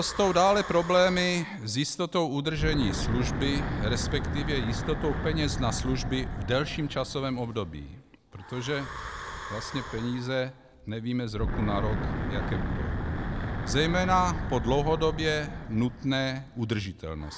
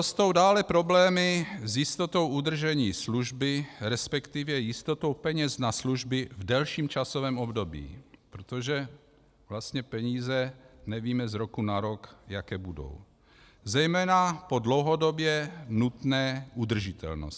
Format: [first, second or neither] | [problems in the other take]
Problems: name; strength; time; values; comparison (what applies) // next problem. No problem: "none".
second | background sound (Wind / Breathing); 4 dB below the speech